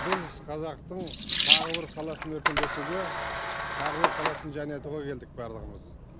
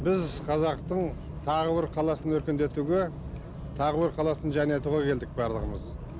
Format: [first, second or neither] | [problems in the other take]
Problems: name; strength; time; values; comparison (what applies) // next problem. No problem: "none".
second | background sound (Sink (filling or washing) / Water tap, faucet + Camera); 5 dB above the speech